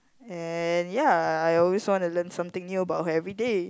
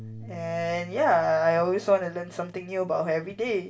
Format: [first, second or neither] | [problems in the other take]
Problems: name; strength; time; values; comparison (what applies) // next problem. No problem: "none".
first | background sound (Bass guitar); 20 dB below the speech // room echo; dies away in 0.2 s